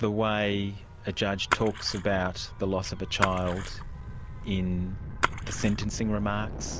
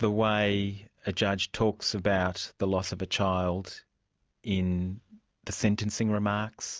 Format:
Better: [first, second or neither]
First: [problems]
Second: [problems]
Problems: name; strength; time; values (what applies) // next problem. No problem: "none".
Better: second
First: background sound (Splash, splatter + Gull, seagull / Waves, surf / Siren); 5 dB below the speech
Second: none